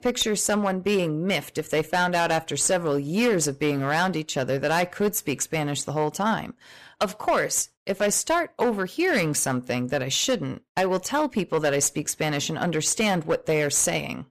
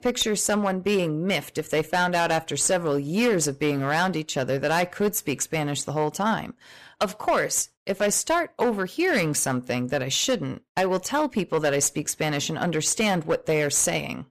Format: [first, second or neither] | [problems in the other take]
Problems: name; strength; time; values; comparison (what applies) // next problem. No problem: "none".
neither | distortion; slight; 7% of the sound clipped; the same in both